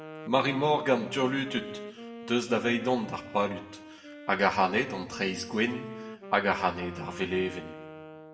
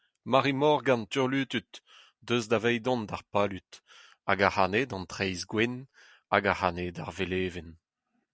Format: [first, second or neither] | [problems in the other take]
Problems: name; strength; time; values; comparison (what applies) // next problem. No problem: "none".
second | background sound (Wind instrument, woodwind instrument); 13 dB below the speech // room echo; dies away in 0.8 s